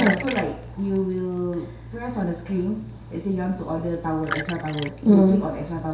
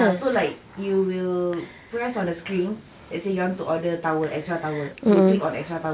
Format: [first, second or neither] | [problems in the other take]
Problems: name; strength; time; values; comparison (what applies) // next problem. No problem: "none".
second | background sound (Liquid); 12 dB below the speech // room echo; dies away in 0.7 s